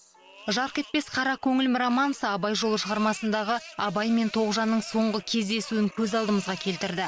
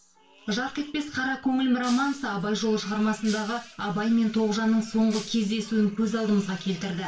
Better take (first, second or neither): first